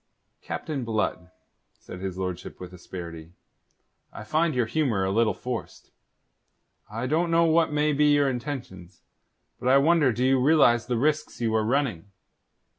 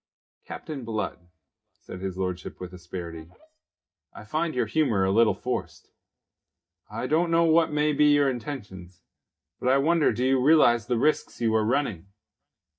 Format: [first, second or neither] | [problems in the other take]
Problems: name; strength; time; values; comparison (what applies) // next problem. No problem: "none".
first | noise reduction (neural mask model DeepFilterNet 3)